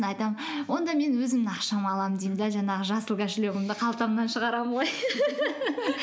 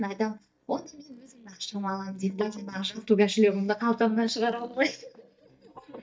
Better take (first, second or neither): first